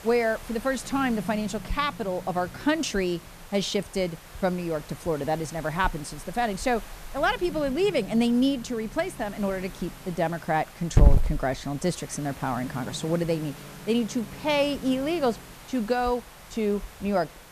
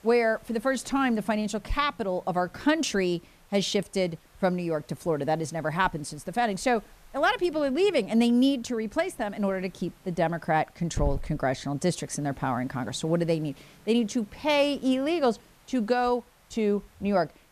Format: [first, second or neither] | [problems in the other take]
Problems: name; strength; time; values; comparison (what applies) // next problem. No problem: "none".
second | hiss; loud; throughout; 8 dB below the speech; faint in the second